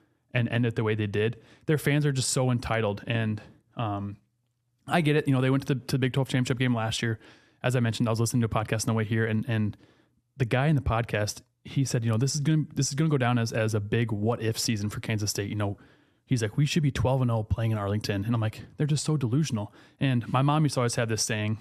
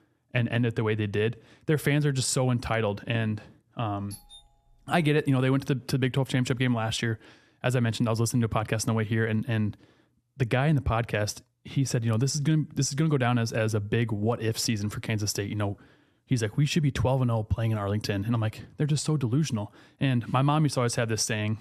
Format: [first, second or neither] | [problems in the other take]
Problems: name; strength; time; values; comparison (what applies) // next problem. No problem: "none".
first | doorbell; faint; at 4 s; peak 20 dB below the speech